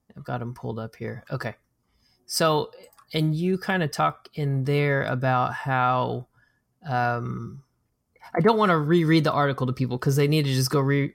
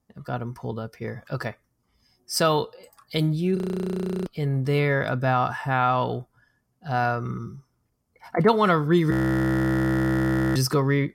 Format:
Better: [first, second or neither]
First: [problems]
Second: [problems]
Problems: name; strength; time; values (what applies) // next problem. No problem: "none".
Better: first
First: none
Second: audio freezing; at 3.5 s for 0.5 s and at 9 s for 1.5 s